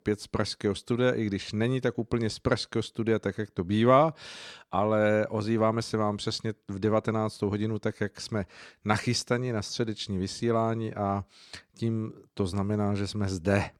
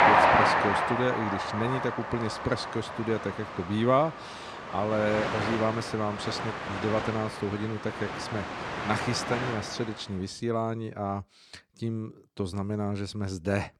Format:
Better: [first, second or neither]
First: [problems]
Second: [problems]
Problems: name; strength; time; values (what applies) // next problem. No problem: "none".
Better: first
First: none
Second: train or aircraft noise; very loud; until 10 s; 1 dB above the speech